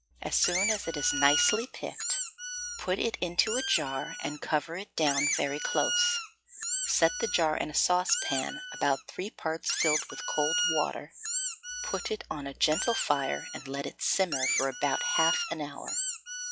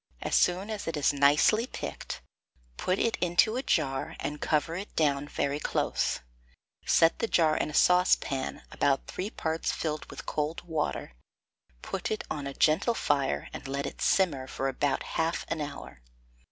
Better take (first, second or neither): second